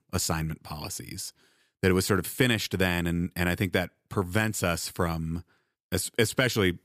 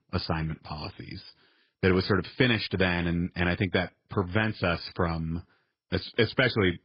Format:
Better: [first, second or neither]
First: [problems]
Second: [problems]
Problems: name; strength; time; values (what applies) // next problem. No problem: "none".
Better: first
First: none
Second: garbled, watery; badly; nothing above 5 kHz